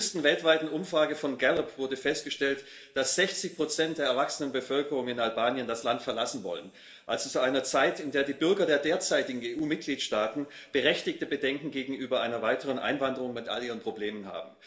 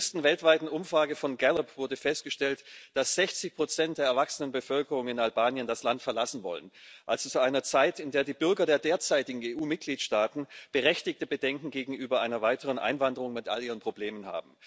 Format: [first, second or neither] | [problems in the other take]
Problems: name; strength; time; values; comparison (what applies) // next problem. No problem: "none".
second | room echo; dies away in 1.3 s